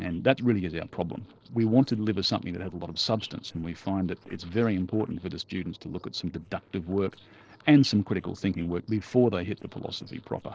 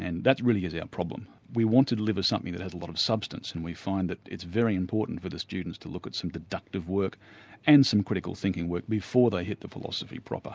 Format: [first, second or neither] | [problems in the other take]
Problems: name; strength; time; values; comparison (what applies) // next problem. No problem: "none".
second | noise reduction (neural separator model SepFormer DNS4)